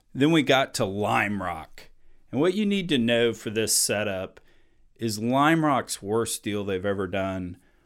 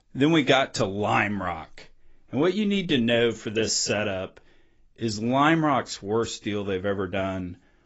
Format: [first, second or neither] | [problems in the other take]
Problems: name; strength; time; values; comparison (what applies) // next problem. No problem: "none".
first | garbled, watery; badly; nothing above 7.5 kHz